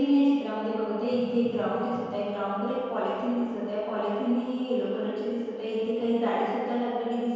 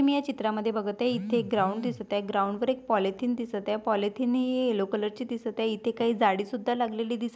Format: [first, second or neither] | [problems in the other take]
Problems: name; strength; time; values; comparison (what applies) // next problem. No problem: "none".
second | room echo; dies away in 1.9 s